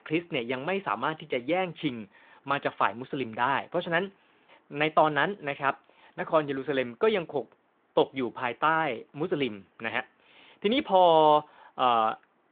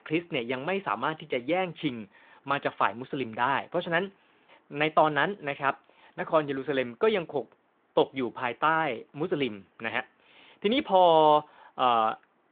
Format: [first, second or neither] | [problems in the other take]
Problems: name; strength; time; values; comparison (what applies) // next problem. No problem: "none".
neither | phone-call audio; the same in both